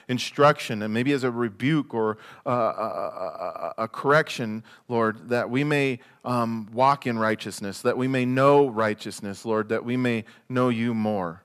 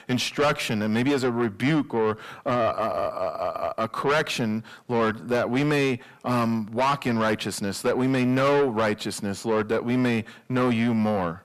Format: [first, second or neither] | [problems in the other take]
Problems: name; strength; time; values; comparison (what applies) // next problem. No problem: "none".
first | distortion; heavy; 7 dB below the speech